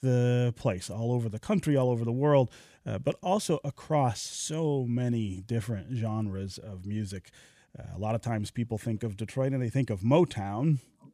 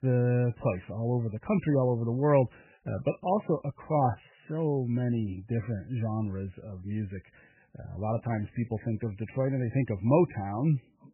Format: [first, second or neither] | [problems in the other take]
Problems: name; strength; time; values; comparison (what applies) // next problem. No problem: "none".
first | garbled, watery; badly; nothing above 2.5 kHz